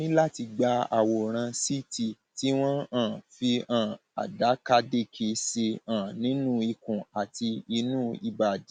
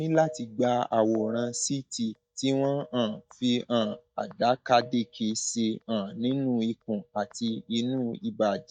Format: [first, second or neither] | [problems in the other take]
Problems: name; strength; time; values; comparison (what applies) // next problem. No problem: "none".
first | noise reduction (neural mask model DeepFilterNet 3)